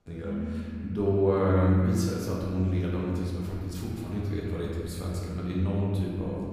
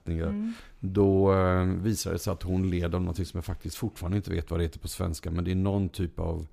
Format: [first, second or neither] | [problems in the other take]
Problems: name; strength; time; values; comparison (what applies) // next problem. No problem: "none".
second | room echo; noticeable; dies away in 2.1 s // off-mic speech; far